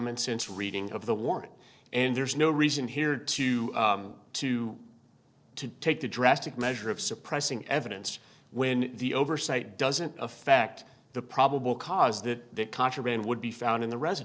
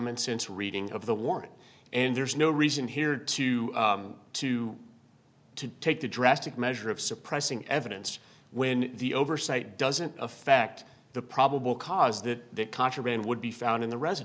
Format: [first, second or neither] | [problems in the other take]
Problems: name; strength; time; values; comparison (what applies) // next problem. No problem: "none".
second | noise reduction (neural separator model SepFormer DNS4)